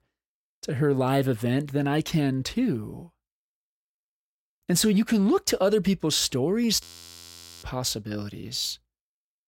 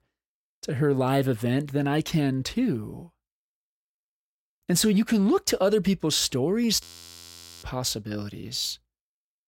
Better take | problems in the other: neither | audio freezing; at 7 s for 1 s; the same in both

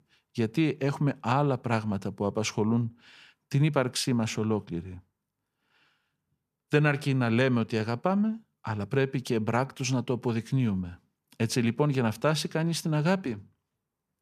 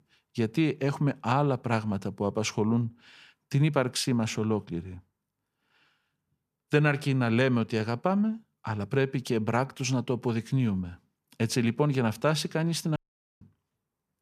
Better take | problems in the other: first | audio cutting out; at 13 s

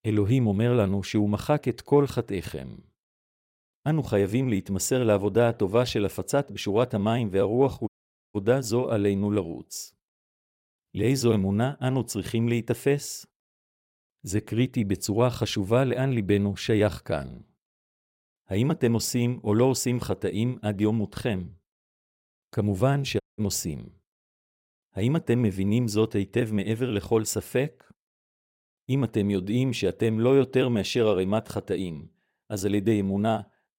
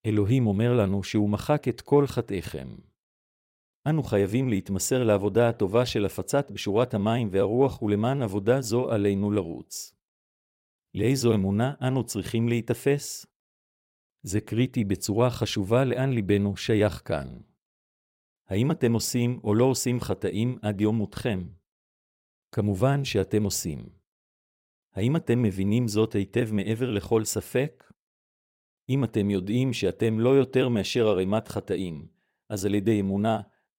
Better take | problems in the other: second | audio cutting out; at 8 s and at 23 s

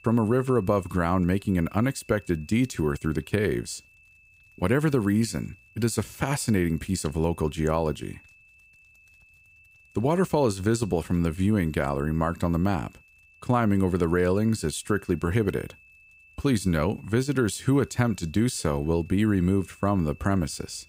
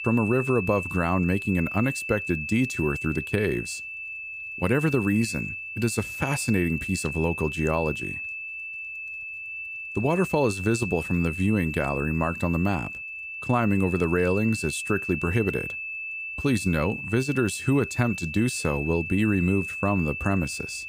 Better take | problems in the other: first | high-pitched whine; loud; throughout; 2.5 kHz, 6 dB below the speech; faint in the first

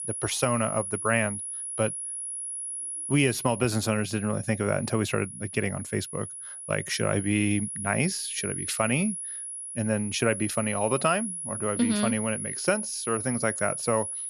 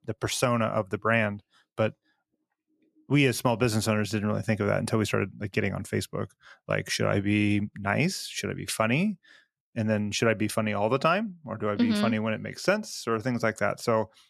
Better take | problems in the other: second | high-pitched whine; loud; throughout; 10.5 kHz, 5 dB below the speech

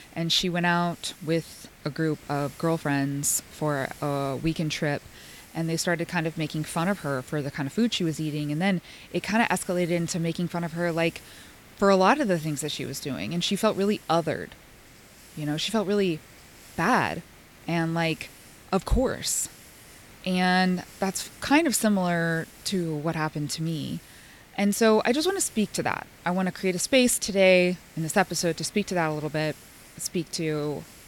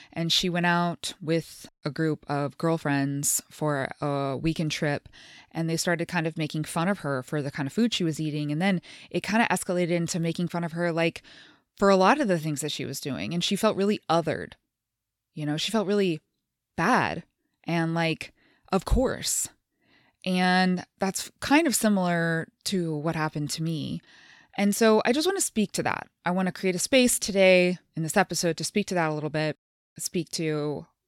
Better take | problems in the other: second | hiss; faint; throughout; 20 dB below the speech

